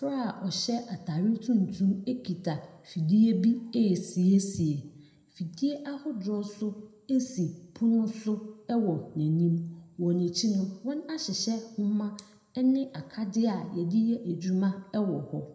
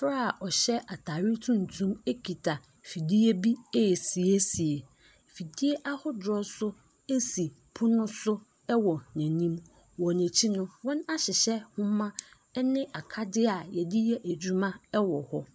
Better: second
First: room echo; dies away in 0.7 s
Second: none

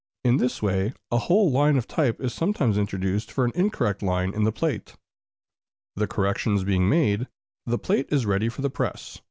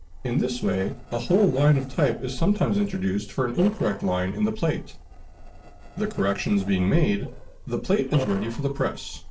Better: first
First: none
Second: noise reduction (neural separator model SepFormer DNS4)

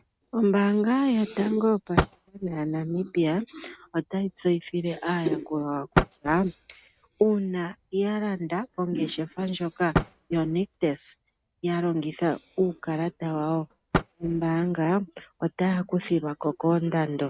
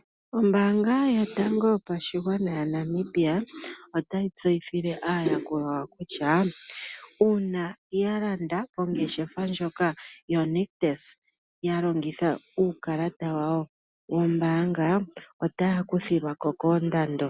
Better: second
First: noise reduction (neural mask model RNNoise)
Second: none

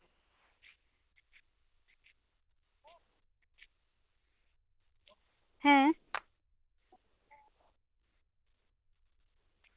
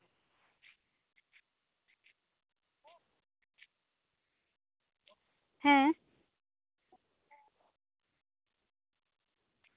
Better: second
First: noise reduction (neural diffusion model UNIVERSE++)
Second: none

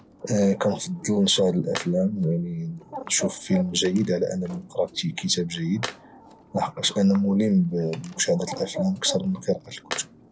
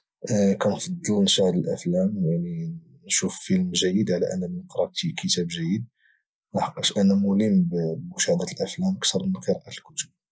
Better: second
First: background sound (Tools + Bird); 14 dB below the speech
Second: none

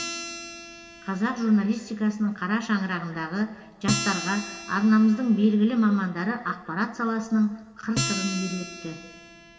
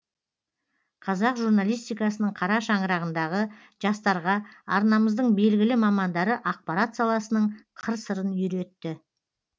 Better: second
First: background sound (Acoustic guitar); 11 dB below the speech // room echo; dies away in 1.7 s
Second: none

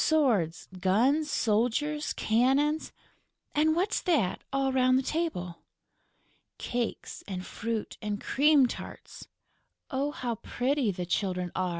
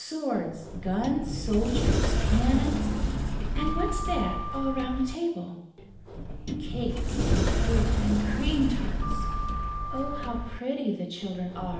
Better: first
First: none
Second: background sound (Sliding door); 3 dB above the speech // room echo; dies away in 0.8 s

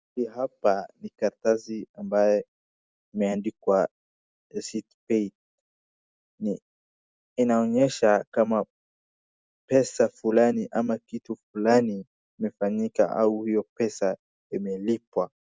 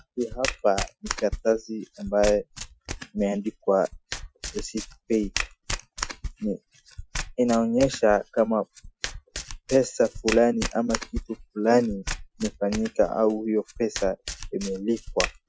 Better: first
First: none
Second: noise reduction (classical method Wiener filter)

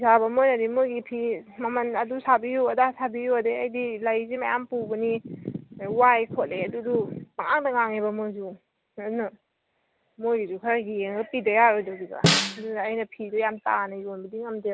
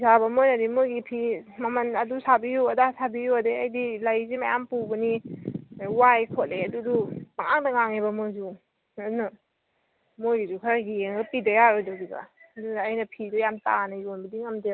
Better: second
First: background sound (Snare drum); as loud as the speech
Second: none

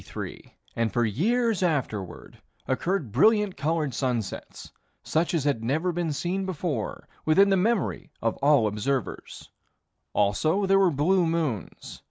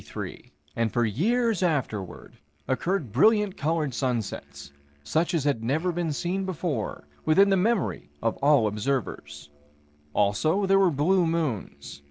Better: first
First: none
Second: noise reduction (neural separator model SepFormer DNS4)

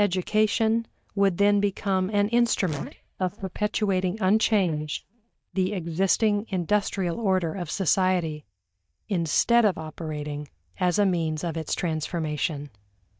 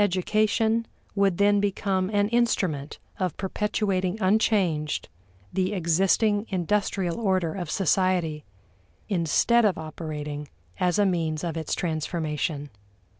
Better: second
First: noise reduction (neural mask model DeepFilterNet 3)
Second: none

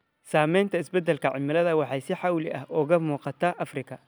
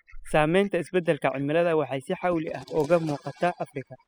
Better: first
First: none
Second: noise reduction (classical method spectral subtraction)

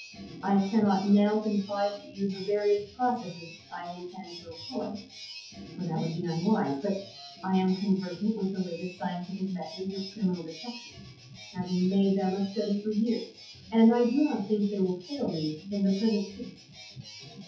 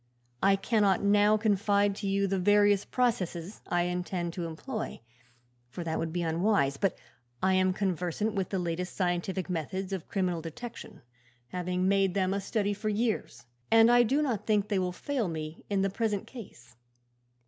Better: second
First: noise reduction (classical method WPE with log-MMSE)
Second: none

